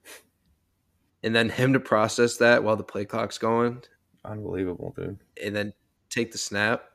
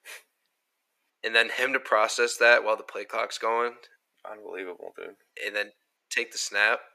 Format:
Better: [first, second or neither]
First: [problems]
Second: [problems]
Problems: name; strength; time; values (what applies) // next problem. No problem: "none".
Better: first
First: none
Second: thin; very; fading below 500 Hz